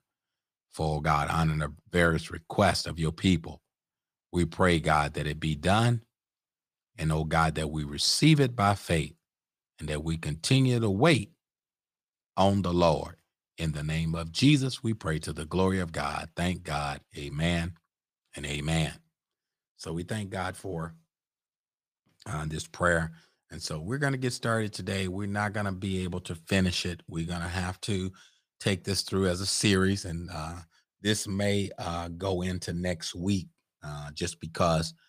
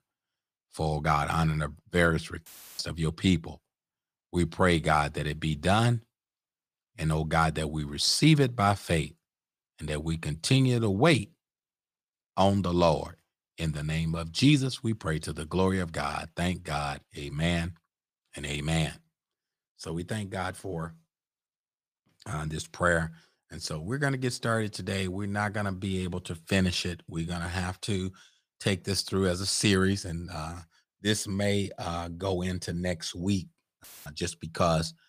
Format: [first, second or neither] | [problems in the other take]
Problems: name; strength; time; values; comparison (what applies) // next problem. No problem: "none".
first | audio cutting out; filled with static; at 2.5 s and at 34 s